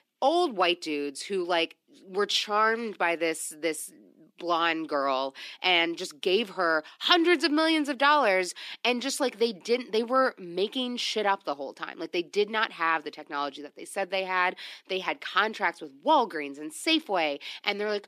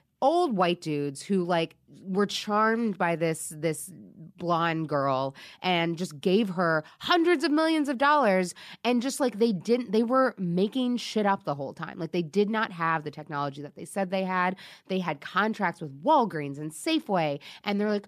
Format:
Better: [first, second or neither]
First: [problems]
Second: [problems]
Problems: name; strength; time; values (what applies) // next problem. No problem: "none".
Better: second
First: thin; somewhat; fading below 300 Hz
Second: none